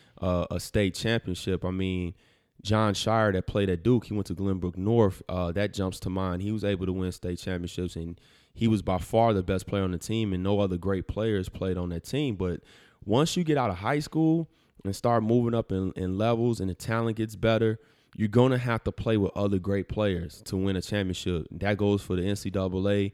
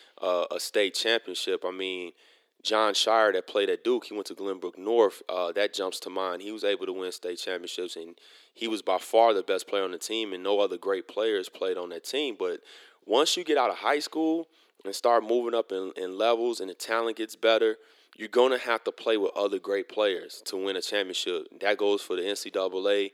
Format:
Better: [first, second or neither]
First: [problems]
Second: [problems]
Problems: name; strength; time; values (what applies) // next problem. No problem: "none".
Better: first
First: none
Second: thin; very; fading below 350 Hz